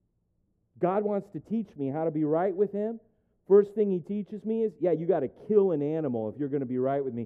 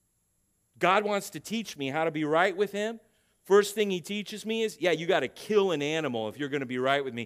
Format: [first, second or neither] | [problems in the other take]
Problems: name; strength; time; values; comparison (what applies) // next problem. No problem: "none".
second | muffled; very; fading above 1.5 kHz